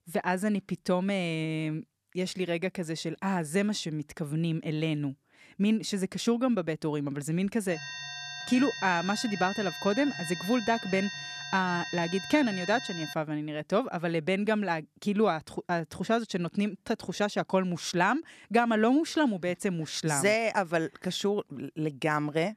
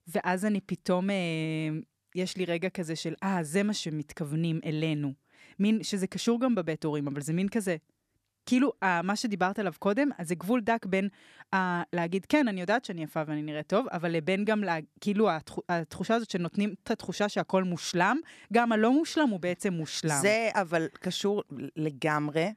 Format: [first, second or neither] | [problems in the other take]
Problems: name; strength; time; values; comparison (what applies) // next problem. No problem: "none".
second | alarm; noticeable; from 7.5 to 13 s; peak 7 dB below the speech